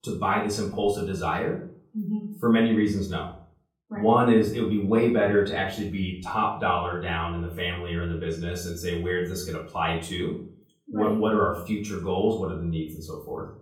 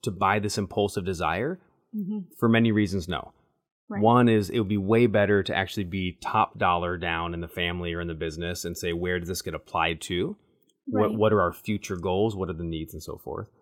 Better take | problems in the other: second | room echo; slight; dies away in 0.4 s // off-mic speech; far

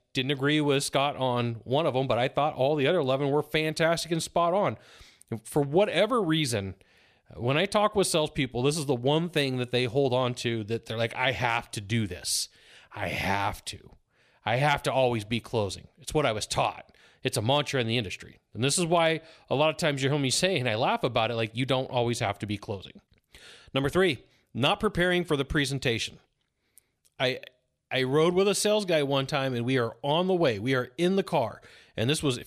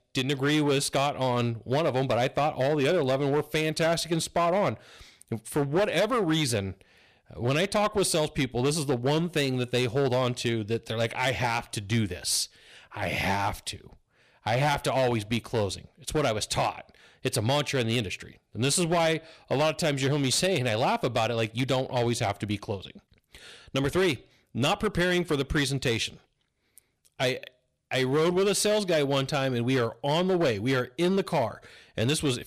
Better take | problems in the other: first | distortion; slight; 8% of the sound clipped

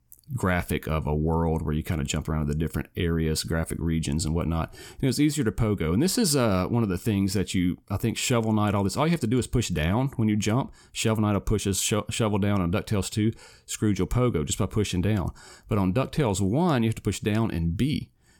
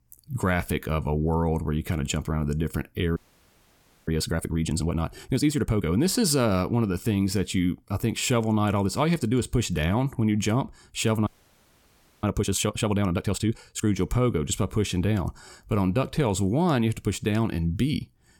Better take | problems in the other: first | audio freezing; at 3 s for 1 s and at 11 s for 1 s

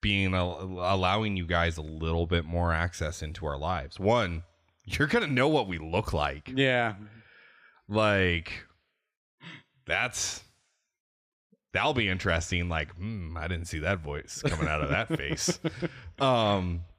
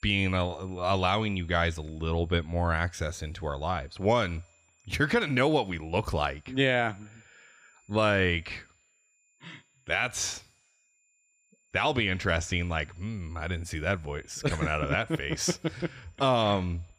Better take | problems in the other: first | high-pitched whine; faint; throughout; 7 kHz, 35 dB below the speech

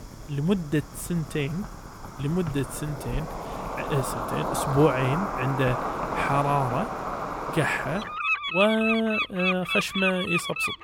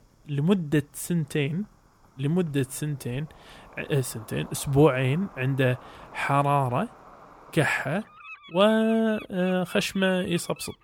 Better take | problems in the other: second | animal sounds; loud; throughout; 2 dB below the speech; faint in the second

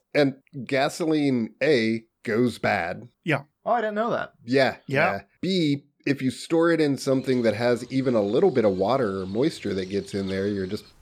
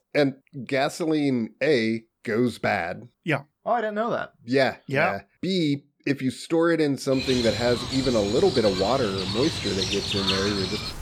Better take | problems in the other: first | animal sounds; loud; from 7 s on; 3 dB below the speech; faint in the first

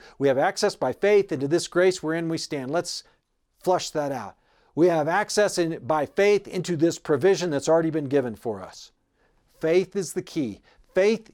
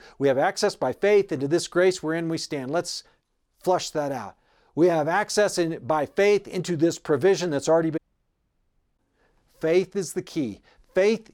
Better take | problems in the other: first | audio cutting out; at 8 s for 1 s

